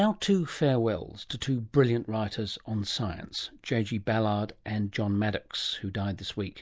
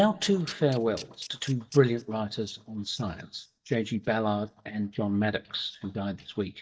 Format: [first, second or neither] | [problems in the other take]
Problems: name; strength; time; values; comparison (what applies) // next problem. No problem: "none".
first | noise reduction (neural mask model DeepFilterNet 3)